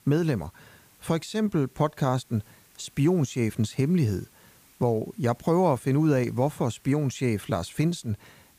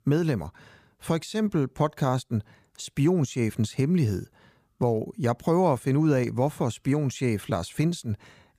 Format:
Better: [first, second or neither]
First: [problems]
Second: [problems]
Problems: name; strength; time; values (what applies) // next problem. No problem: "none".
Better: second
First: hiss; faint; throughout; 30 dB below the speech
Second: none